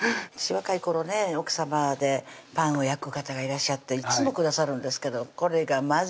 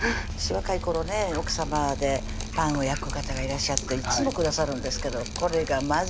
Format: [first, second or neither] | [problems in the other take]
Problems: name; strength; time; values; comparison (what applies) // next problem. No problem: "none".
first | background sound (Drip); 5 dB below the speech